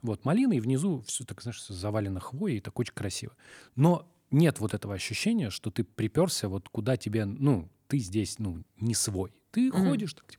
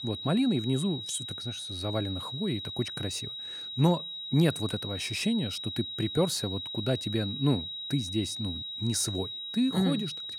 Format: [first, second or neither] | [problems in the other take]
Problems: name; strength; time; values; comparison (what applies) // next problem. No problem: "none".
first | high-pitched whine; loud; throughout; 4 kHz, 5 dB below the speech